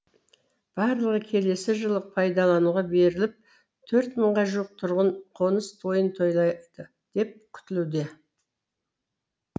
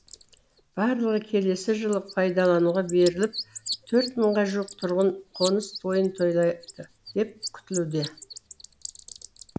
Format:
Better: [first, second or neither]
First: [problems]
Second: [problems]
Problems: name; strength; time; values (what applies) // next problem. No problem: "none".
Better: first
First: none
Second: background sound (Bird); 15 dB below the speech